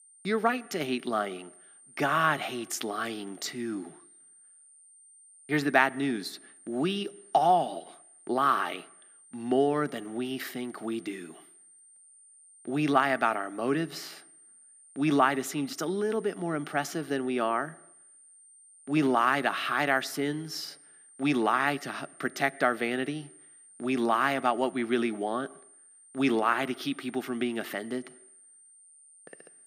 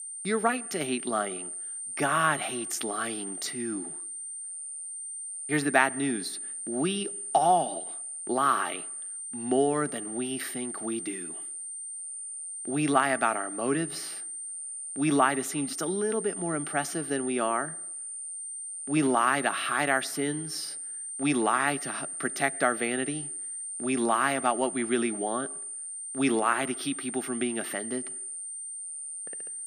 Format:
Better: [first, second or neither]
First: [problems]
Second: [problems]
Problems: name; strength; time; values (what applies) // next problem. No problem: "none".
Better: first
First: high-pitched whine; faint; throughout; 9 kHz, 25 dB below the speech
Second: high-pitched whine; loud; throughout; 9 kHz, 6 dB below the speech